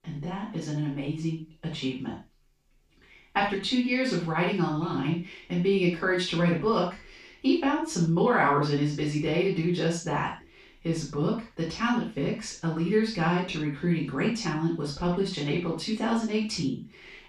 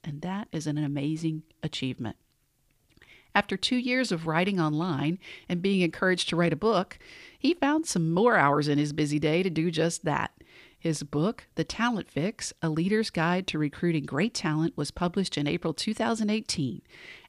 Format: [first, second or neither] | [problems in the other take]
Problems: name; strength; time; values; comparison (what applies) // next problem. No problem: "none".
second | room echo; noticeable; dies away in 0.3 s // off-mic speech; far